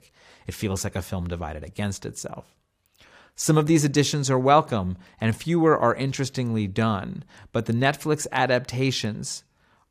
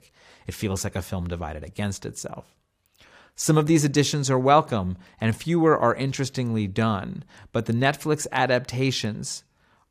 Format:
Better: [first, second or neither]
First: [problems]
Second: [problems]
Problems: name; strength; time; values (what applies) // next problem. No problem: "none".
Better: neither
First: none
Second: none